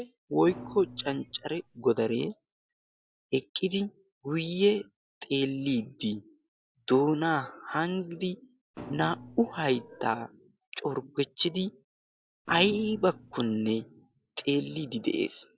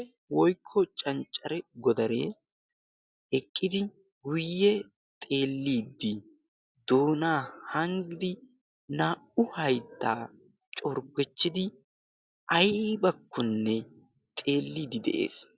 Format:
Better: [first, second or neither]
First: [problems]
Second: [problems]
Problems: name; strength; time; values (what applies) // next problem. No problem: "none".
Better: second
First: background sound (Thump, thud); 15 dB below the speech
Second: none